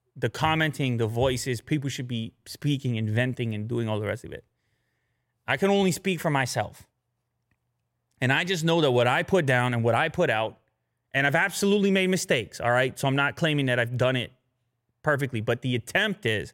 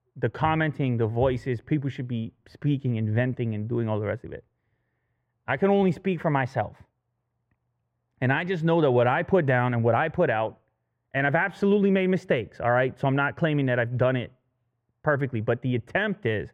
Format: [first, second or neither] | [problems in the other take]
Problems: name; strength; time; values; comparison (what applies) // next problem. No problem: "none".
first | muffled; very; fading above 3.5 kHz